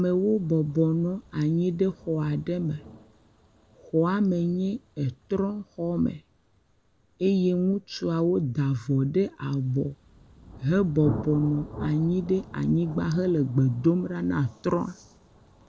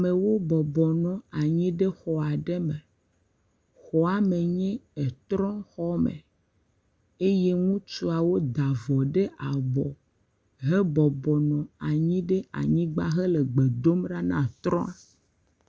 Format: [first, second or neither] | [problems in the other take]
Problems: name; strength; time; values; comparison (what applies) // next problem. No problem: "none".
second | background sound (Thunder); 18 dB below the speech